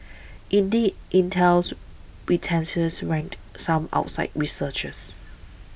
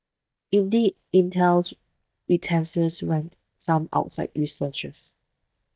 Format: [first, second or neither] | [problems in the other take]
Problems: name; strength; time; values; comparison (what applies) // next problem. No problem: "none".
first | noise reduction (neural mask model DeepFilterNet 3)